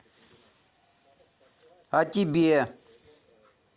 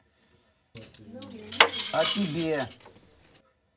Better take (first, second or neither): first